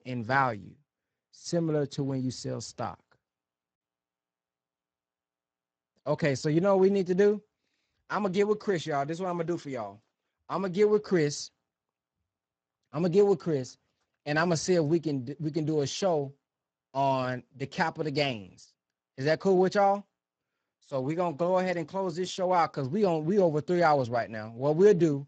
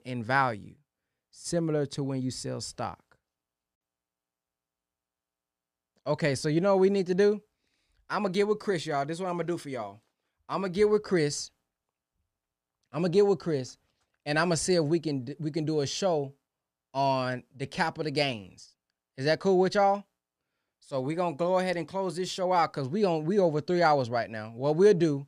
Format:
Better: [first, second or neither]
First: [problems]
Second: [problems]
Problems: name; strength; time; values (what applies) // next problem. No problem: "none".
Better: second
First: garbled, watery; badly; nothing above 7.5 kHz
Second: none